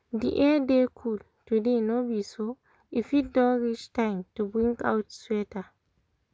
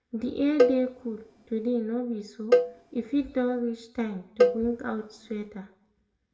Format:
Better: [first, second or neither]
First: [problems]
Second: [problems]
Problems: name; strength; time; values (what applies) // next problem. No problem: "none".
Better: first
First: none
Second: background sound (Cowbell); 1 dB above the speech // room echo; dies away in 0.5 s